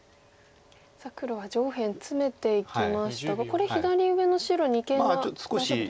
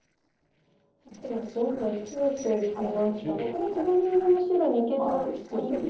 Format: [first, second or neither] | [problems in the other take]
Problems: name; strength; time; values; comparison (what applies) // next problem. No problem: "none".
first | noise reduction (neural separator model SepFormer DNS4)